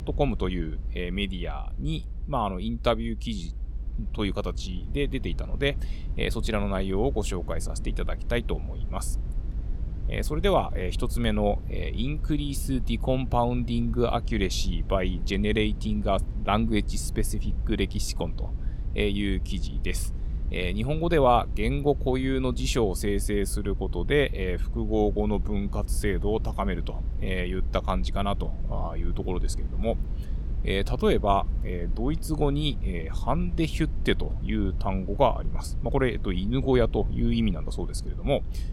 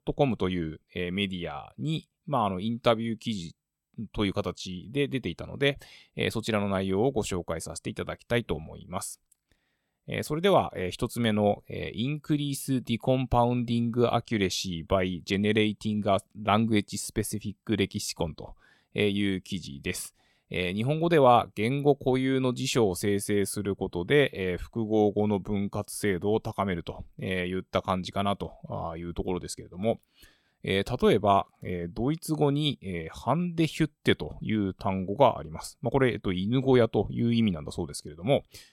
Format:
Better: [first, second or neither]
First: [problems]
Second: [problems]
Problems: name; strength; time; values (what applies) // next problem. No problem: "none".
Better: second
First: low rumble; faint; throughout; 20 dB below the speech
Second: none